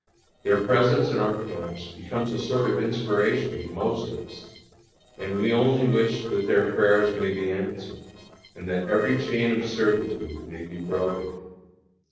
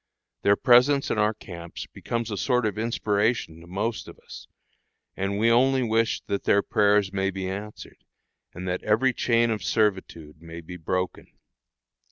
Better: second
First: noise reduction (neural separator model SepFormer DNS4)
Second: none

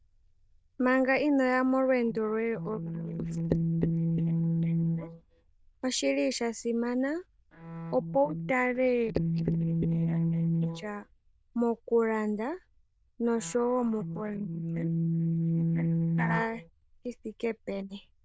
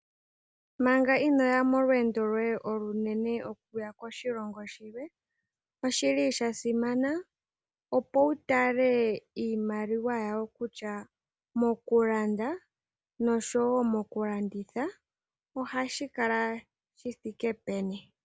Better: second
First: noise reduction (neural diffusion model UNIVERSE++)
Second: none

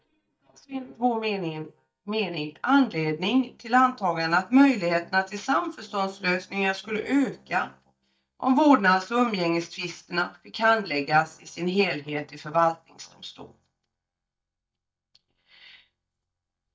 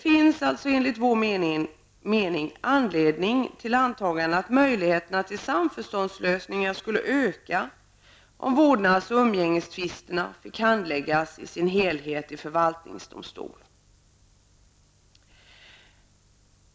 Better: second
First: noise reduction (neural mask model DeepFilterNet 3)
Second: none

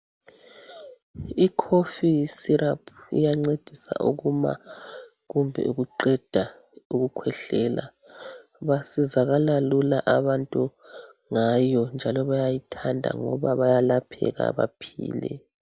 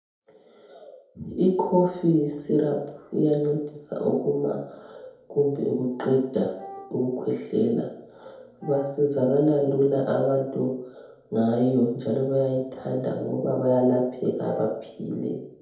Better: first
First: none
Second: background sound (Wind instrument, woodwind instrument); 18 dB below the speech // room echo; dies away in 0.8 s

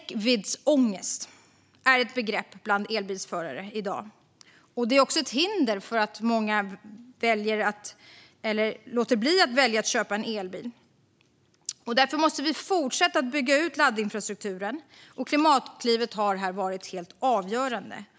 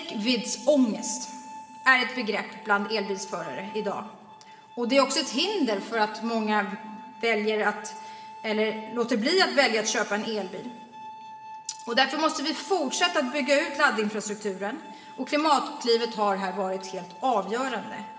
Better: first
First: none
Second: background sound (Bowed string instrument); 17 dB below the speech // room echo; dies away in 2.2 s

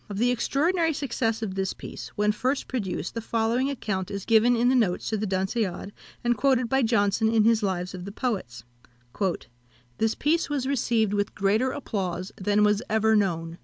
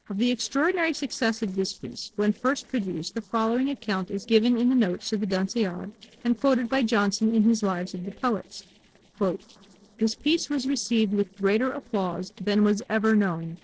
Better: first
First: none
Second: noise reduction (neural separator model SepFormer DNS4)

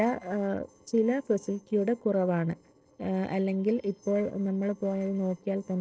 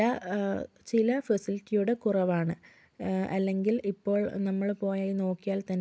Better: second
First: noise reduction (neural separator model SepFormer DNS4)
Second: none

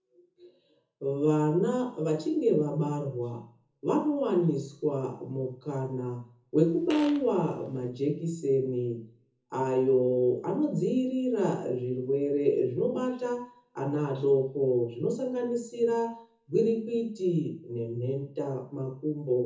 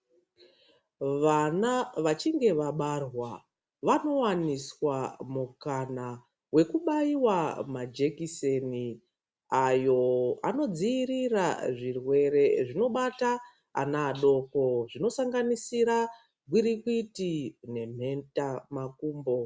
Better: second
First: background sound (Fart); 16 dB below the speech // room echo; dies away in 0.5 s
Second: none

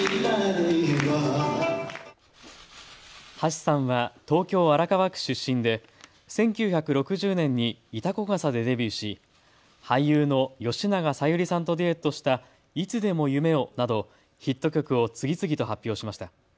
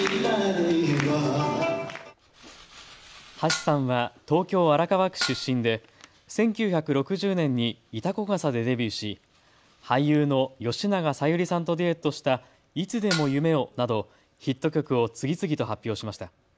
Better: first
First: none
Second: background sound (Dishes, pots, and pans); 9 dB below the speech

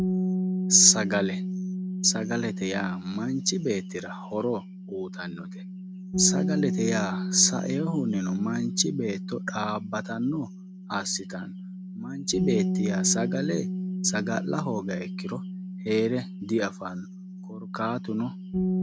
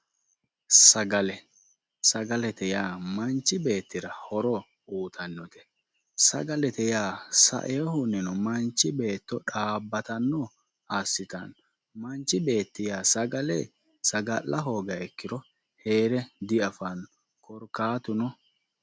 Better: second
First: background sound (Bass guitar); 2 dB below the speech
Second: none

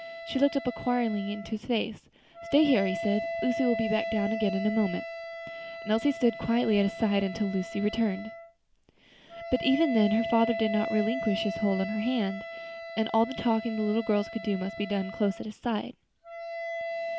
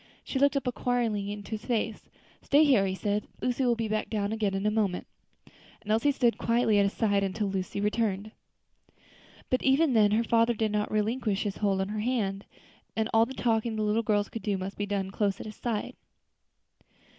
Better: second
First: background sound (Wind instrument, woodwind instrument); 8 dB below the speech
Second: none

